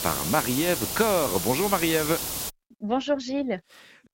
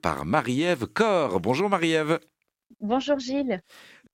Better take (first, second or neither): second